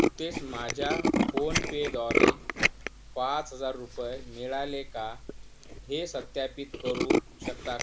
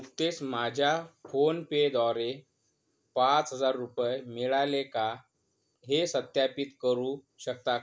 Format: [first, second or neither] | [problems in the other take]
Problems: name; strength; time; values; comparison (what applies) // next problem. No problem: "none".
second | background sound (Tools); 4 dB above the speech